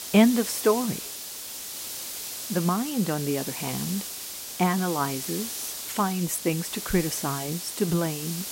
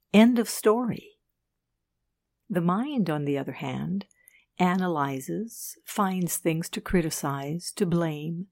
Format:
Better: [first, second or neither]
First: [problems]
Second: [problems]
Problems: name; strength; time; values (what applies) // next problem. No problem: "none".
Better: second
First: hiss; loud; throughout; 6 dB below the speech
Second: none